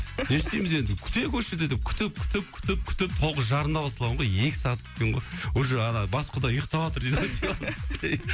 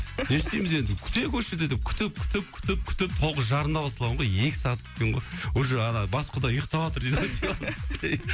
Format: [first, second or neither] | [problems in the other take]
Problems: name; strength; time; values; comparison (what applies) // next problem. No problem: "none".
first | background sound (Camera); 18 dB below the speech